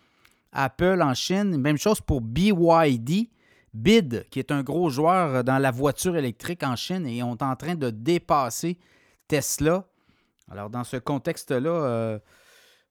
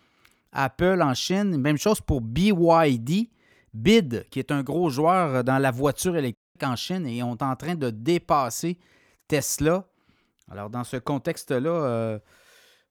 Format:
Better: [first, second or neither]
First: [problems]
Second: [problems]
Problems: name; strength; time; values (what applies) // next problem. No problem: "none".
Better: first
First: none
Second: audio cutting out; at 6.5 s